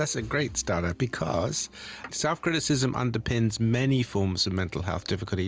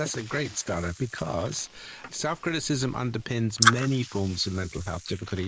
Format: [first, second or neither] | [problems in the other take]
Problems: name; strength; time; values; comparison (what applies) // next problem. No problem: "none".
first | noise reduction (neural mask model Resemble Enhance denoiser)